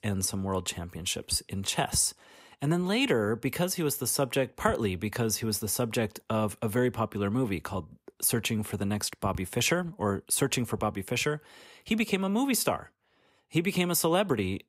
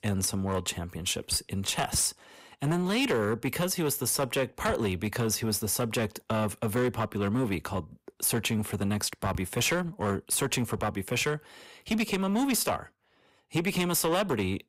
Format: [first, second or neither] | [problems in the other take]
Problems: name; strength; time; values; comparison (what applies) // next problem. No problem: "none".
first | distortion; slight; 9% of the sound clipped